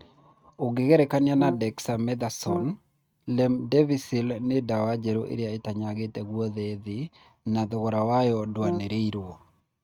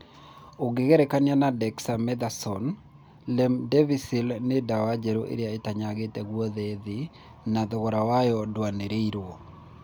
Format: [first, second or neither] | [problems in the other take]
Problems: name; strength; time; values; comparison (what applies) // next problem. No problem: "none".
second | noise reduction (neural mask model RNNoise)